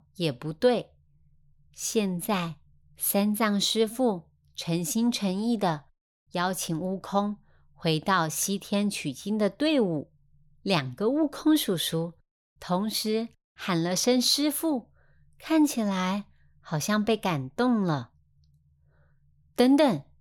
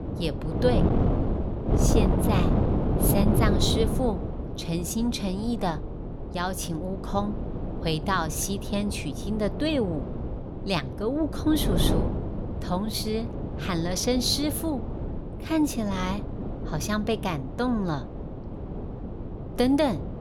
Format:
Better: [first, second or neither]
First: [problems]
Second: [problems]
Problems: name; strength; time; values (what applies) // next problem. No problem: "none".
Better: first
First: none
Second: wind noise on the microphone; heavy; 6 dB below the speech